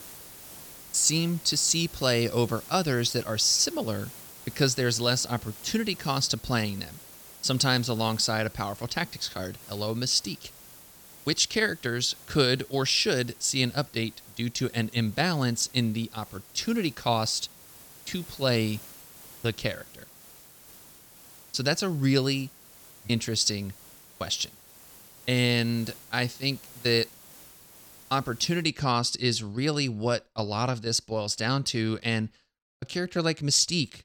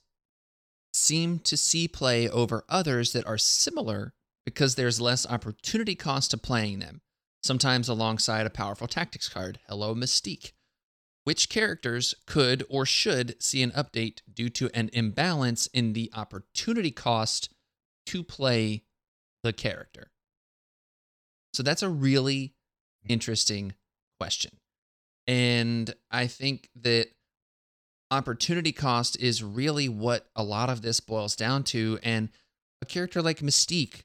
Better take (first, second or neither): second